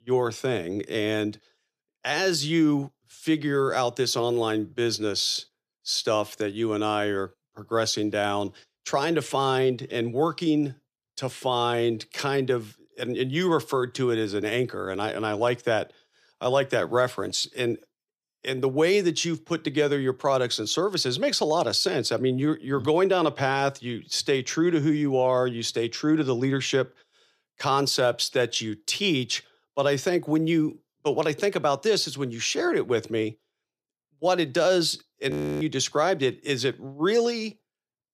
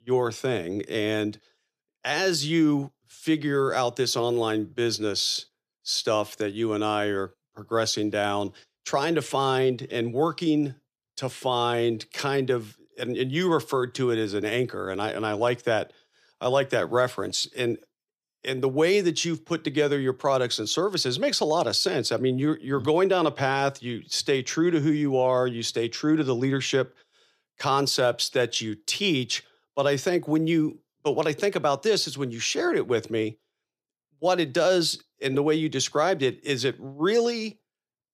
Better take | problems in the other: second | audio freezing; at 35 s

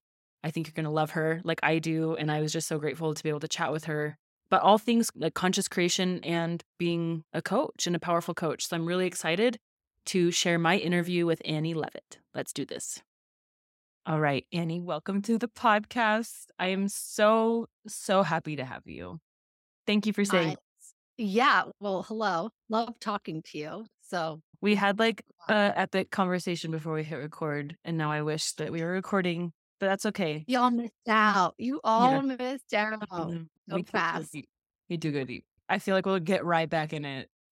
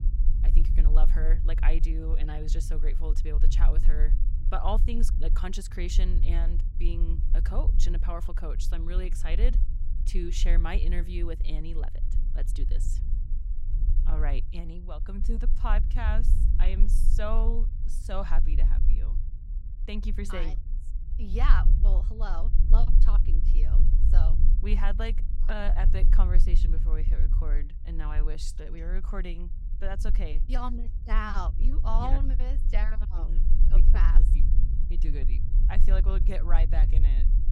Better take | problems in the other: first | low rumble; noticeable; throughout; 10 dB below the speech

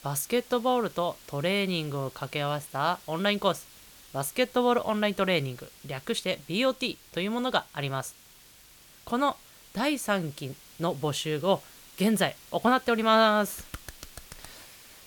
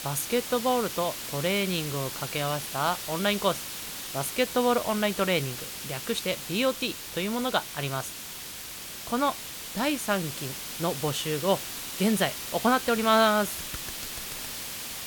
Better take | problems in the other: first | hiss; loud; throughout; 7 dB below the speech; faint in the first

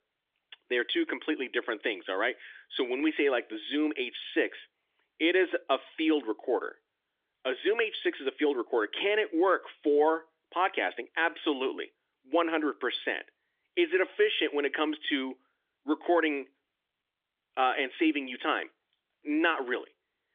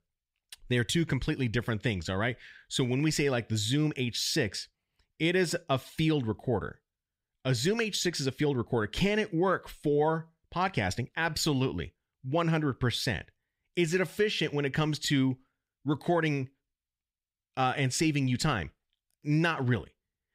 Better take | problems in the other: second | phone-call audio; nothing above 3.5 kHz

